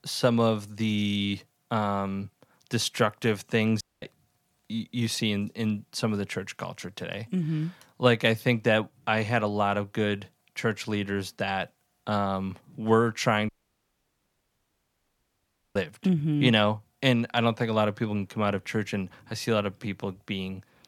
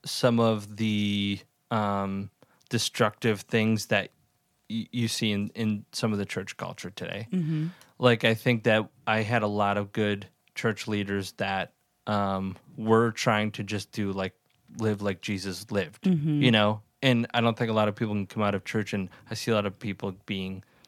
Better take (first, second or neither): second